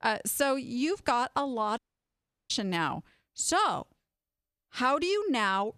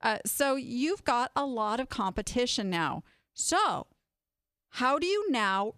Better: second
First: audio cutting out; at 2 s for 0.5 s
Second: none

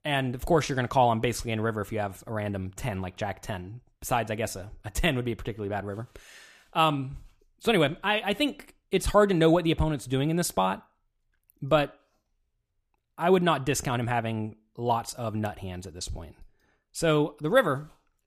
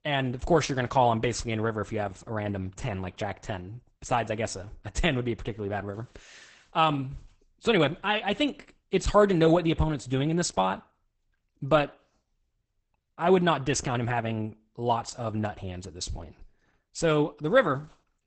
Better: first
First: none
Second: garbled, watery; badly; nothing above 8 kHz

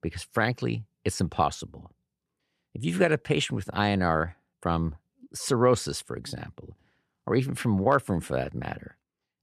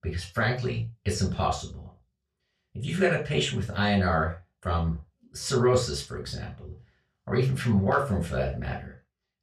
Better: first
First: none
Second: room echo; slight; dies away in 0.2 s // off-mic speech; far

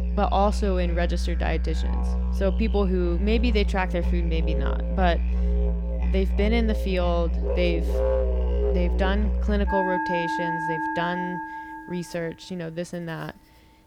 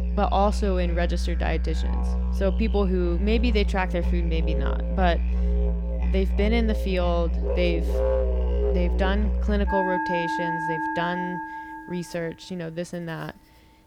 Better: neither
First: background music; very loud; throughout; 2 dB above the speech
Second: background music; very loud; throughout; 2 dB above the speech

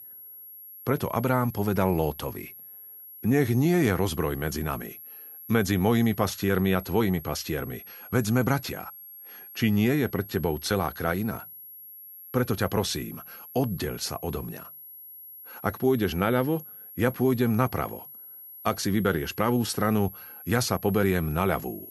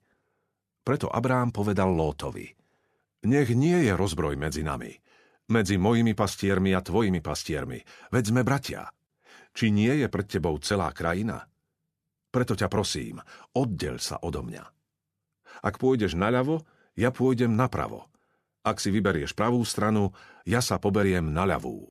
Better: second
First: high-pitched whine; noticeable; throughout; 11.5 kHz, 15 dB below the speech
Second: none

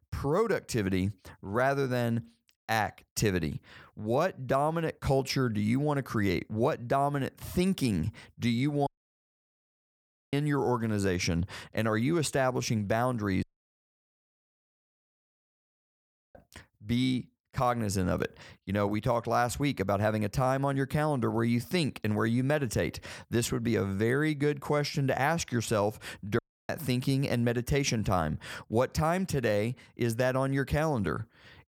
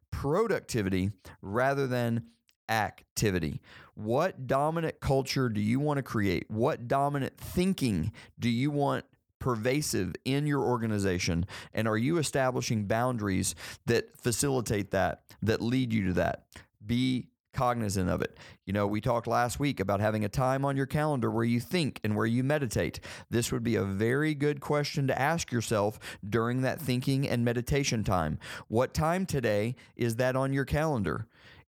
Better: second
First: audio cutting out; at 9 s for 1.5 s, at 13 s for 3 s and at 26 s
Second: none

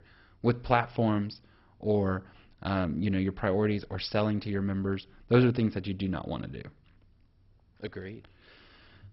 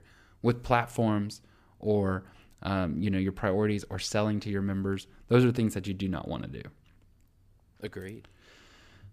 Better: second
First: garbled, watery; badly; nothing above 5.5 kHz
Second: none

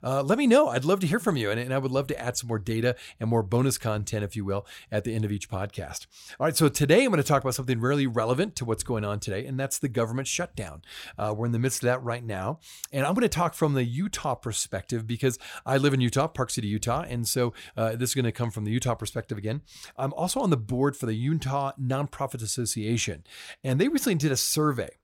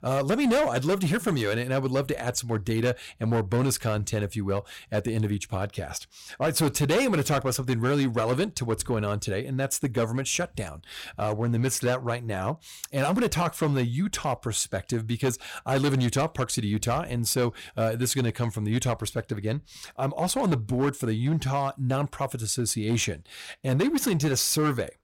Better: first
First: none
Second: distortion; slight; 8% of the sound clipped

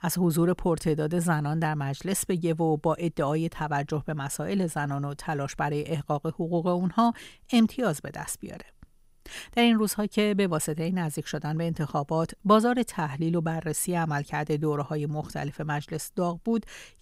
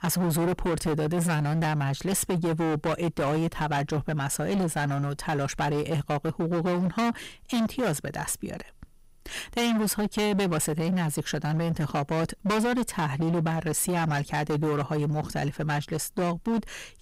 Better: first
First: none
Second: distortion; heavy; 23% of the sound clipped

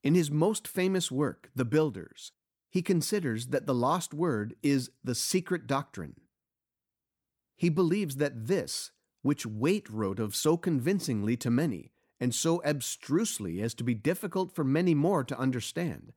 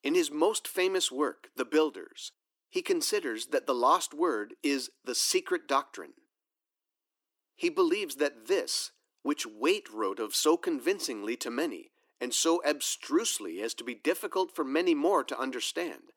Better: first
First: none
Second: thin; somewhat; fading below 300 Hz

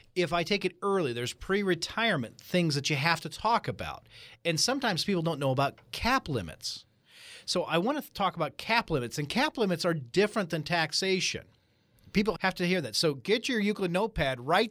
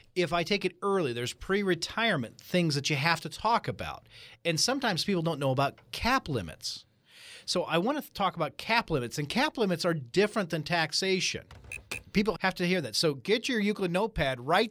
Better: first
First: none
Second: keyboard typing; noticeable; at 12 s; peak 9 dB below the speech

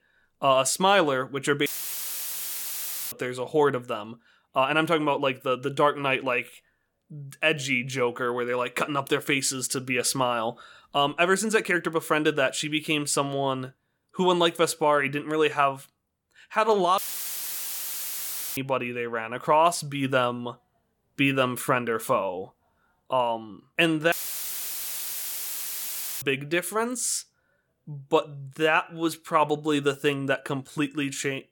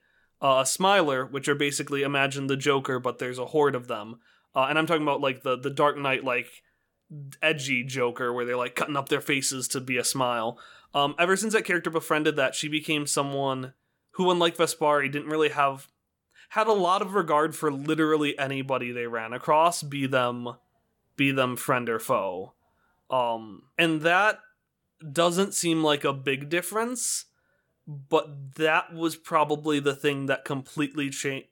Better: second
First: audio cutting out; filled with static; at 1.5 s for 1.5 s, at 17 s for 1.5 s and at 24 s for 2 s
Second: none

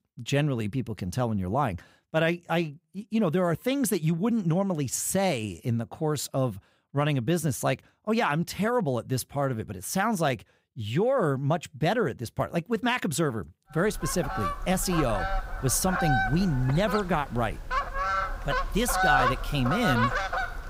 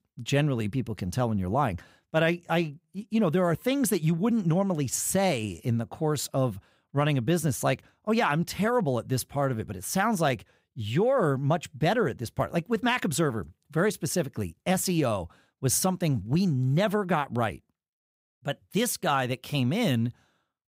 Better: second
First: animal sounds; loud; from 14 s on; 2 dB below the speech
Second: none

